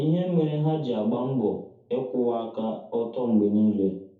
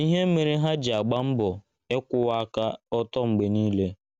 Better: second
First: room echo; dies away in 0.5 s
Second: none

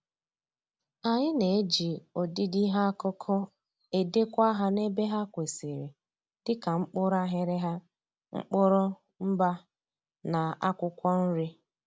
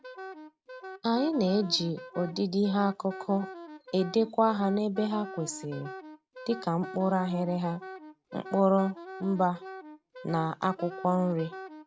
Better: first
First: none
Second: background sound (Wind instrument, woodwind instrument); 14 dB below the speech

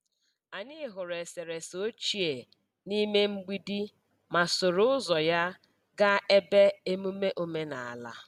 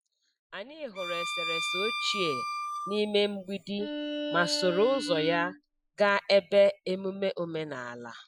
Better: first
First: none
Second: noise reduction (classical method Wiener filter)

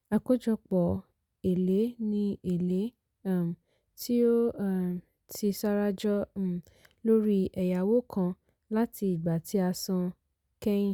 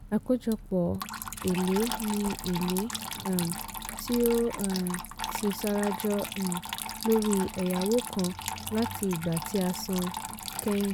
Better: first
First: none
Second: background sound (Trickle, dribble / Water tap, faucet); 7 dB below the speech

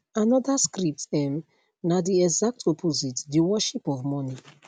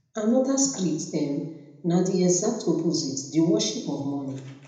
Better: first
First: none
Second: room echo; dies away in 0.8 s

